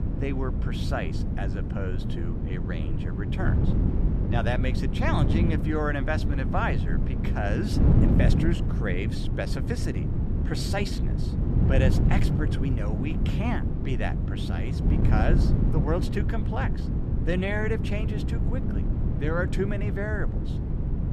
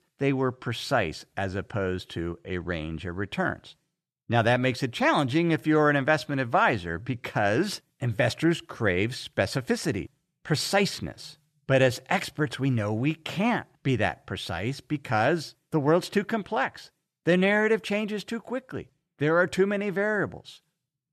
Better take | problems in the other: second | wind noise on the microphone; heavy; 4 dB below the speech

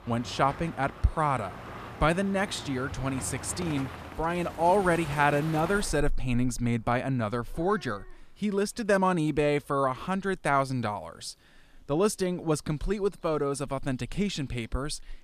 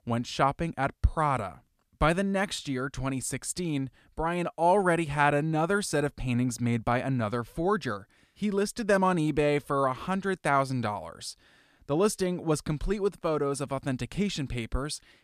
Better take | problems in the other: second | animal sounds; noticeable; throughout; 15 dB below the speech

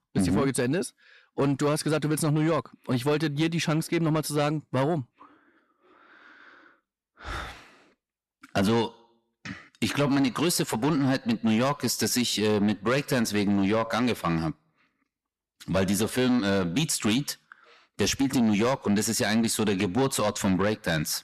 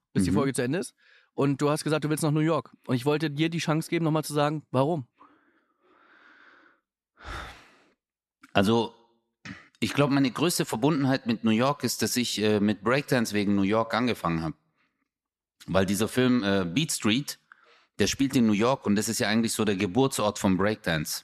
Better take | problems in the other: second | distortion; slight; 10 dB below the speech

